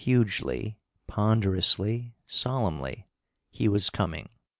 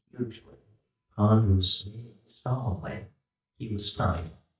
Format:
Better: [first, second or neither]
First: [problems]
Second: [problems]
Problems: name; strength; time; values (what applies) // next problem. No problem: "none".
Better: first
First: none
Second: noise reduction (neural mask model DeepFilterNet 3)